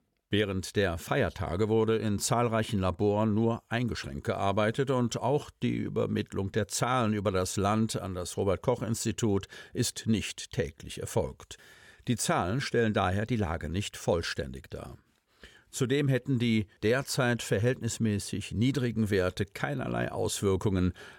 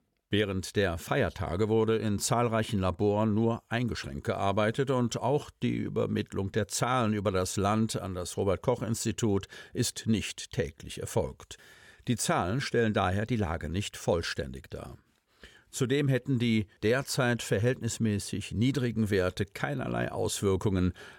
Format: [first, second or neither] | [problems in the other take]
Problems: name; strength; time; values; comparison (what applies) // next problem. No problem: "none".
neither | none